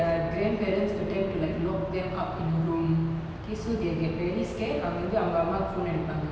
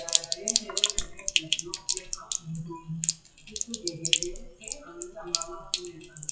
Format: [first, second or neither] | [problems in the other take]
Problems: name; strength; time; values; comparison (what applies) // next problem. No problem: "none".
first | noise reduction (classical method WPE with log-MMSE)